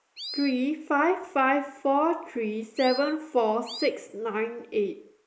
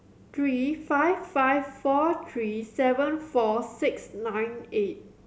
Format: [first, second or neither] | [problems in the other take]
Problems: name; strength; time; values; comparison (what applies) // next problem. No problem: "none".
second | noise reduction (neural mask model Resemble Enhance denoiser)